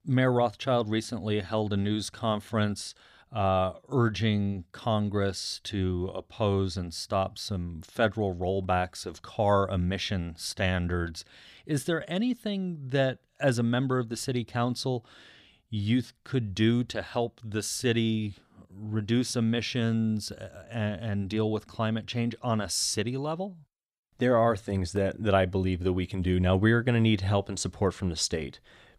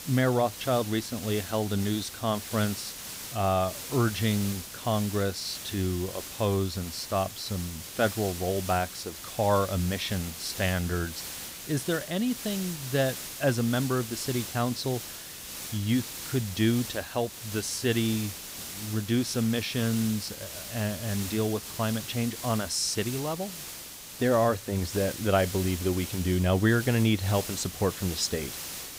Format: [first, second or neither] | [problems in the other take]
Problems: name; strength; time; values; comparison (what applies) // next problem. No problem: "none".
first | hiss; loud; throughout; 8 dB below the speech